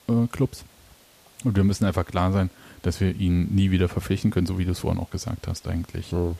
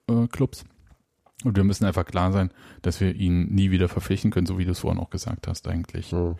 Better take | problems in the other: second | hiss; faint; throughout; 30 dB below the speech

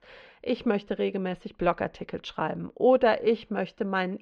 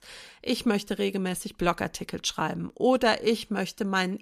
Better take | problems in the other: second | muffled; very; fading above 3 kHz

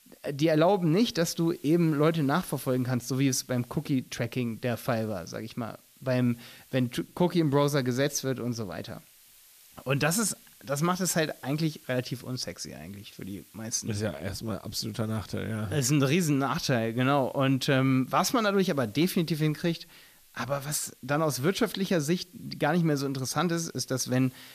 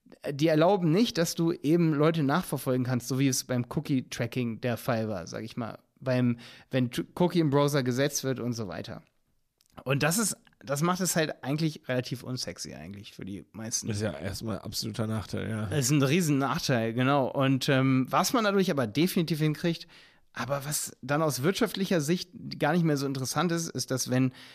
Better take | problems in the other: second | hiss; faint; throughout; 25 dB below the speech

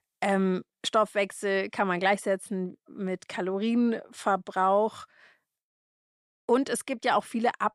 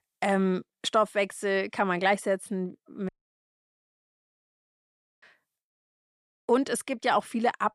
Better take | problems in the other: first | audio cutting out; at 3 s for 2 s

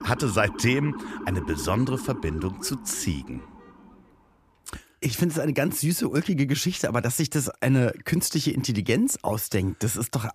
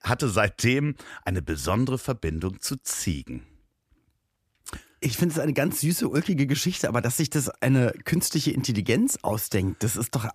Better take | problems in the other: second | siren; faint; until 4 s; peak 10 dB below the speech

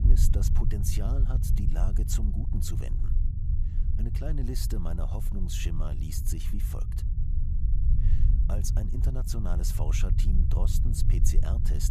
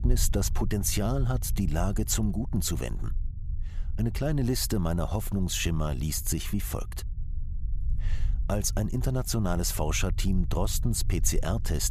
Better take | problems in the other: second | low rumble; loud; throughout; 5 dB below the speech; faint in the second

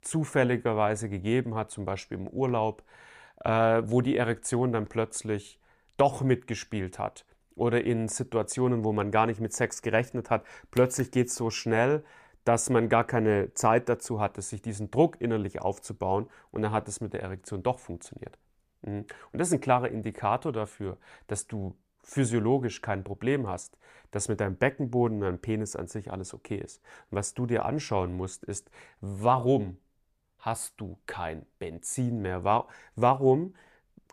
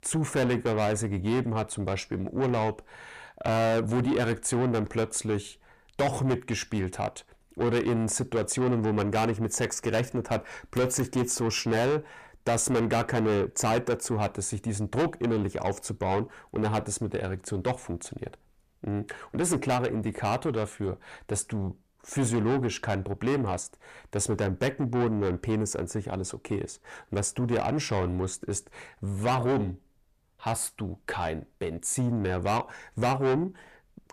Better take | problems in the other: first | distortion; heavy; 6 dB below the speech

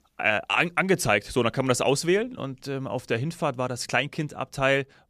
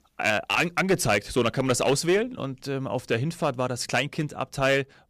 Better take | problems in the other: first | distortion; slight; 4% of the sound clipped

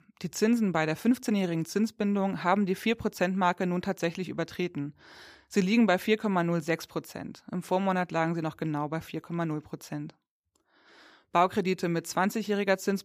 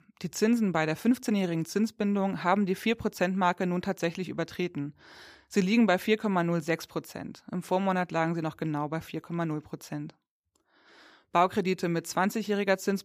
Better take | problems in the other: neither | none

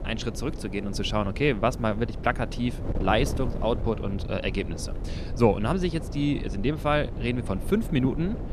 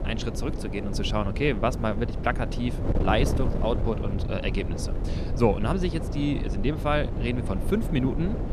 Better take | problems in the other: first | wind noise on the microphone; heavy; 8 dB below the speech; occasional gusts in the first

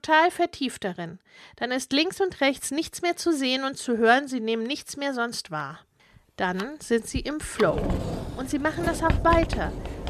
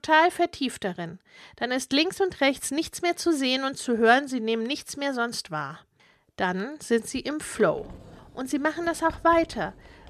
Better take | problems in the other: second | household noises; loud; from 6 s on; 6 dB below the speech; faint in the second

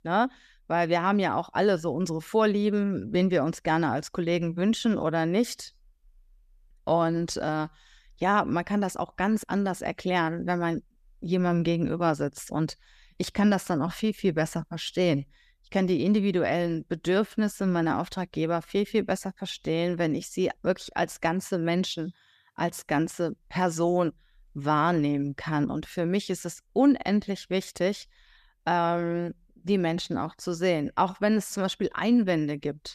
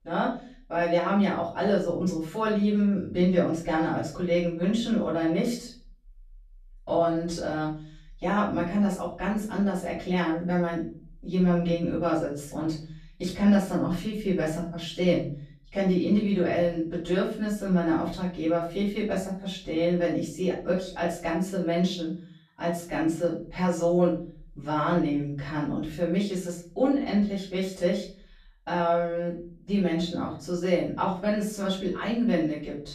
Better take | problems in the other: first | room echo; noticeable; dies away in 0.4 s // off-mic speech; far

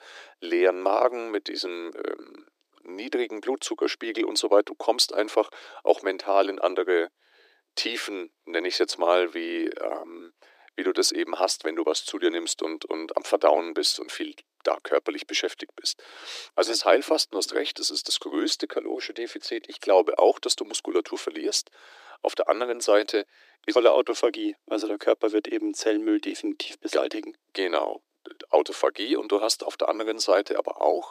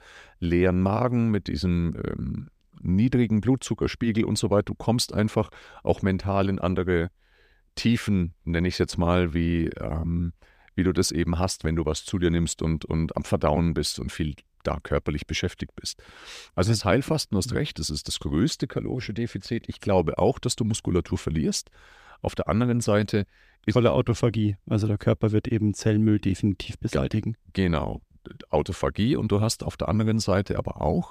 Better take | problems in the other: second | thin; very; fading below 300 Hz

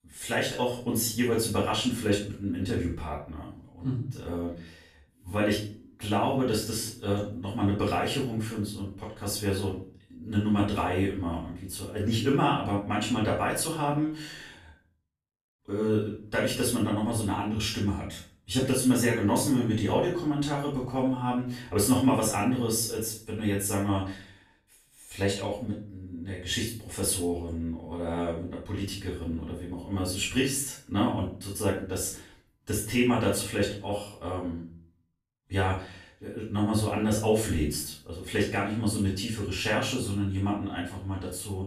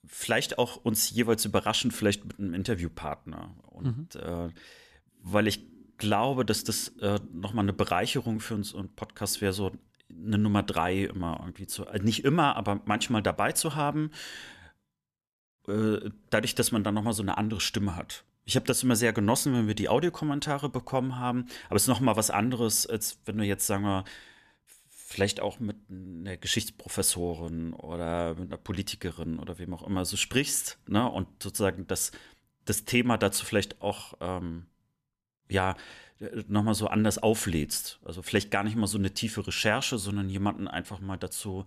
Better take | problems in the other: second | off-mic speech; far // room echo; noticeable; dies away in 0.4 s

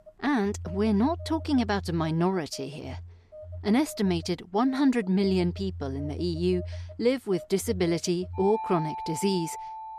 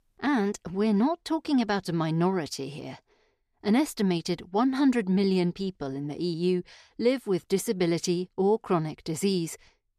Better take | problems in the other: second | alarms or sirens; noticeable; throughout; 10 dB below the speech

